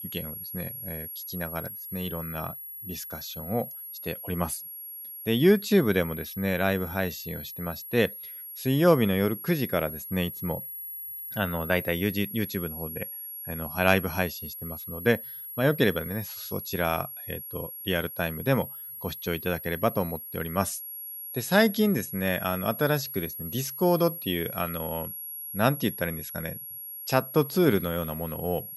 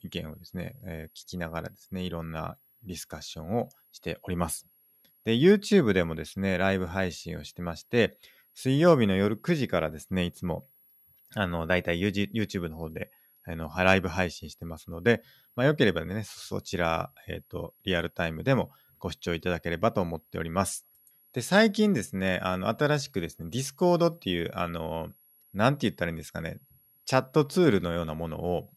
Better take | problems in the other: second | high-pitched whine; loud; throughout; 11.5 kHz, 9 dB below the speech; faint in the second

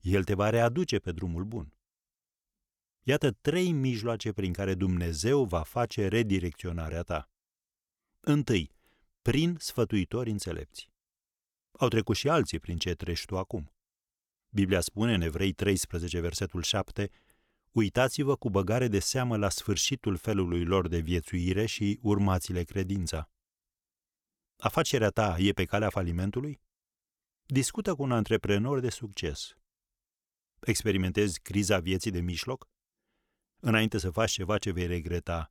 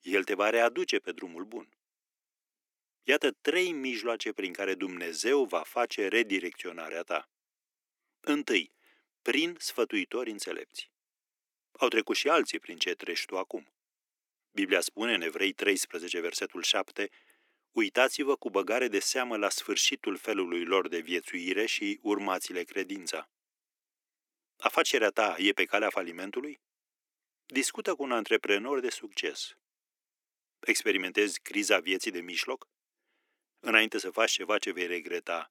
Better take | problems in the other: first | thin; somewhat; fading below 300 Hz

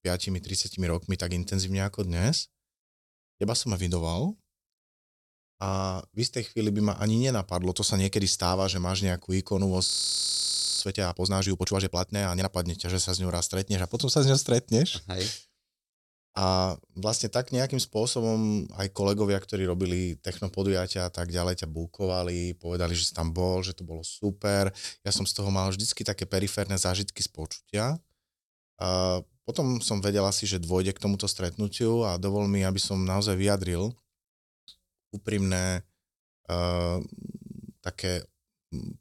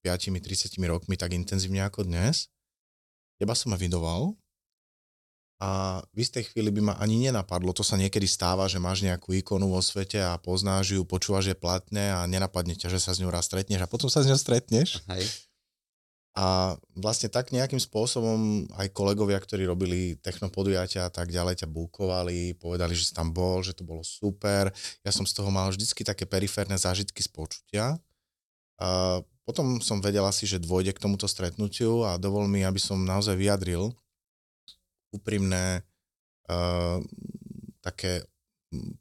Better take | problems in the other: second | audio freezing; at 10 s for 1 s

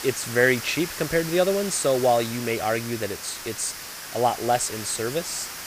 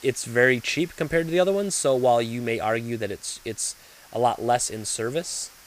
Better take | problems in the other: second | hiss; loud; throughout; 9 dB below the speech; faint in the second

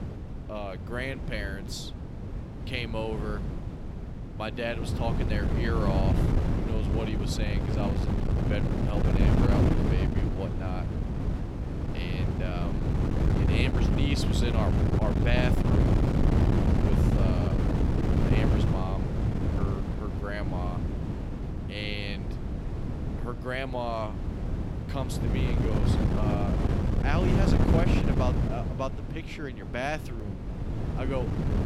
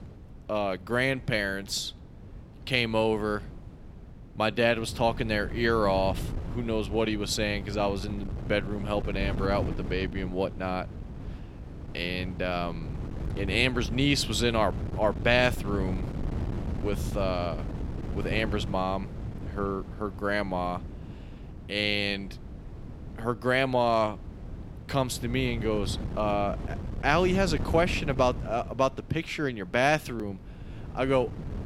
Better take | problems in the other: second | wind noise on the microphone; heavy; as loud as the speech; occasional gusts in the second

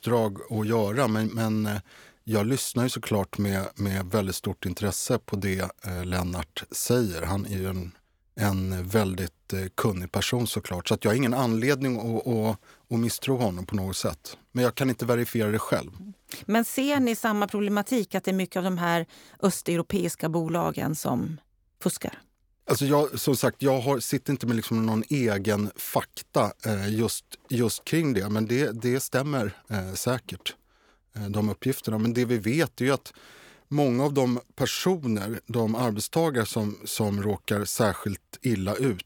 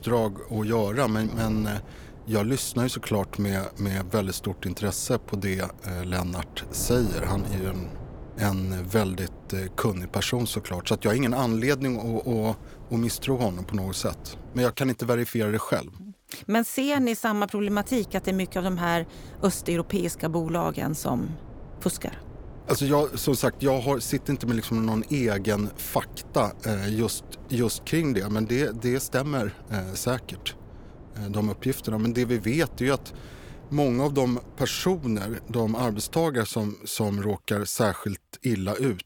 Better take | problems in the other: first | wind noise on the microphone; occasional gusts; until 15 s and from 18 to 36 s; 20 dB below the speech

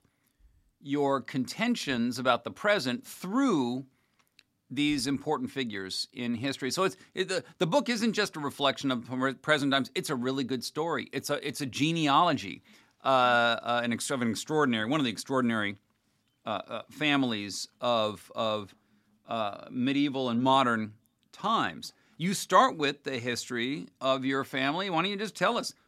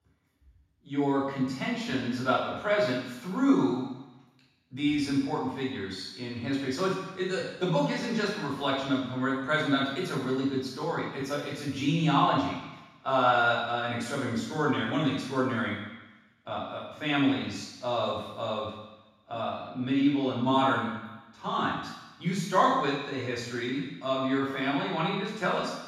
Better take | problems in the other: first | room echo; strong; dies away in 1.1 s // off-mic speech; far

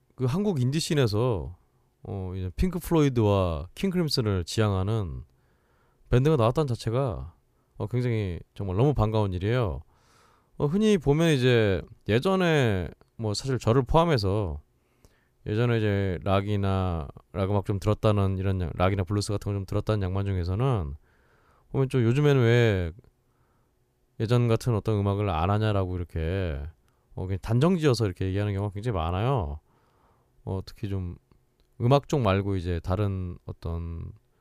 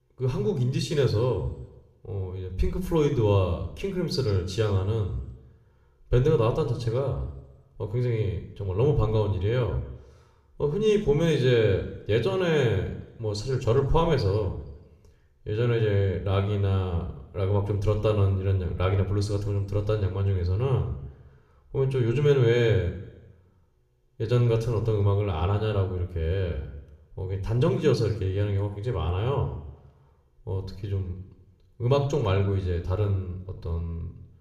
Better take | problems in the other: first | room echo; slight; dies away in 0.7 s // off-mic speech; somewhat distant

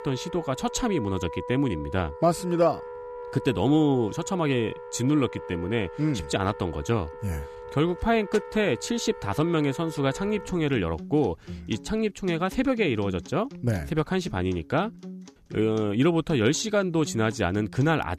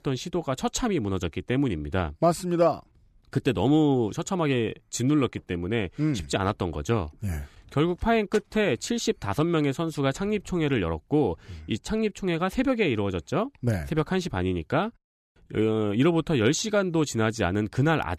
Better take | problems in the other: second | background music; noticeable; throughout; 15 dB below the speech

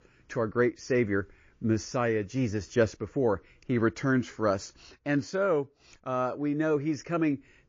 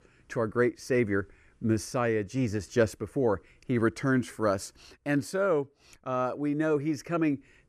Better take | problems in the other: second | garbled, watery; slightly; nothing above 6.5 kHz

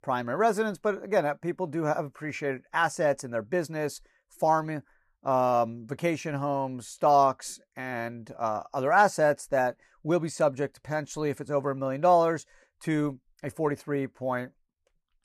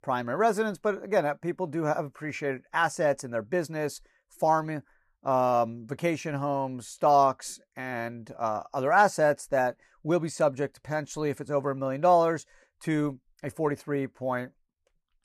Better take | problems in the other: neither | none

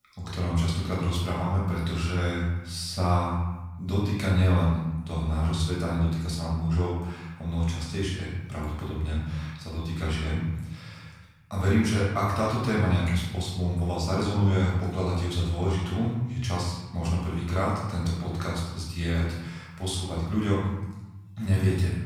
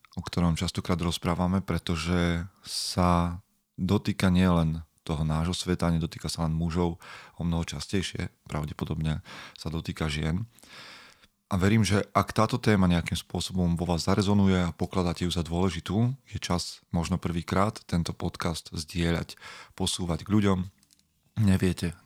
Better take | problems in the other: second | off-mic speech; far // room echo; noticeable; dies away in 1 s

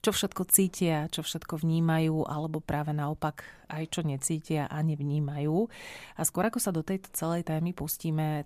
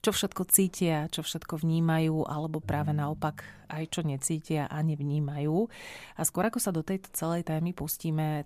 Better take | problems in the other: first | phone ringing; noticeable; at 2.5 s; peak 9 dB below the speech

